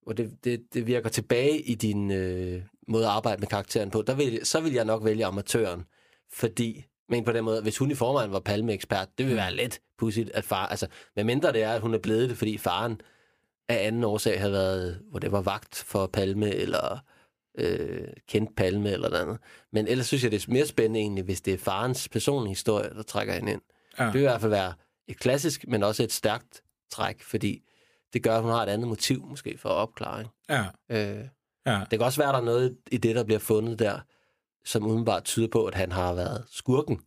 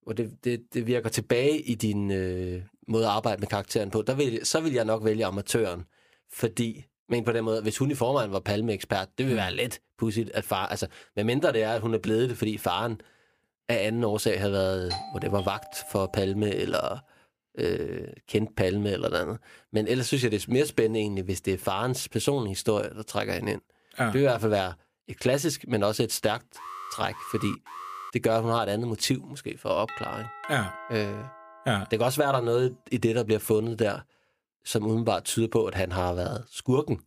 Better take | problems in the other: first | doorbell; noticeable; from 15 to 16 s and from 30 to 32 s; peak 7 dB below the speech // alarm; faint; from 27 to 28 s; peak 10 dB below the speech

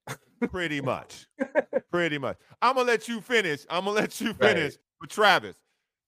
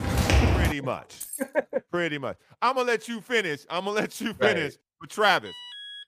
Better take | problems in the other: first | footsteps; loud; at the start; peak 5 dB above the speech // jangling keys; noticeable; at 1 s; peak 9 dB below the speech // alarm; faint; at 5.5 s; peak 10 dB below the speech

